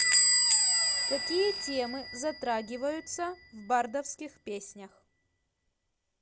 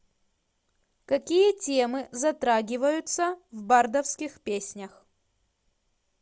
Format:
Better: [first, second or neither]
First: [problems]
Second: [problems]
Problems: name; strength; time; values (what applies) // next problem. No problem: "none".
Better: second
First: background sound (Squeak / Bell); 5 dB above the speech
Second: none